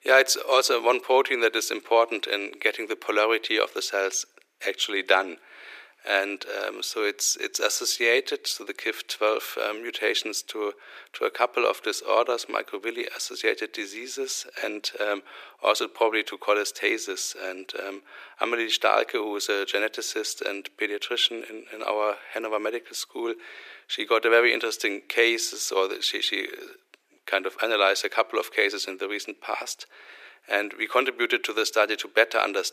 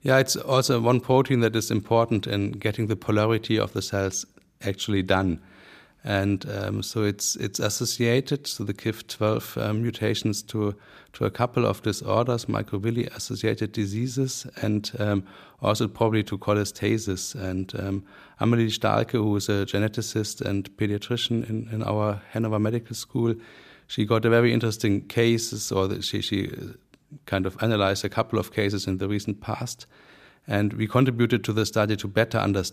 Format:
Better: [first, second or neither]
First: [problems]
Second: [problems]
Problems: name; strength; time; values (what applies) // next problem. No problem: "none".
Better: second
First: thin; very; fading below 350 Hz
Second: none